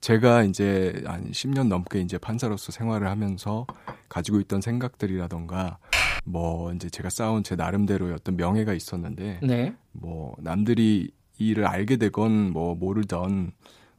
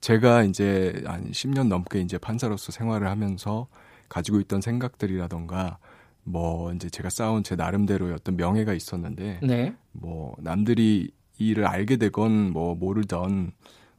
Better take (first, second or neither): second